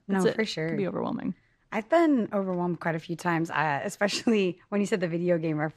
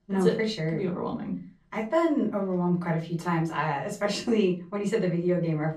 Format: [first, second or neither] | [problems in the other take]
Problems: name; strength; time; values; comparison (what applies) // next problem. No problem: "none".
first | off-mic speech; far // room echo; very slight; dies away in 0.3 s